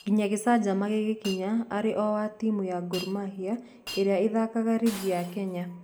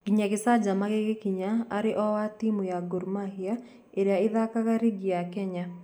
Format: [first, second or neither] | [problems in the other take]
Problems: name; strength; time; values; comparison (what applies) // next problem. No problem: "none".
second | background sound (Shatter); 19 dB below the speech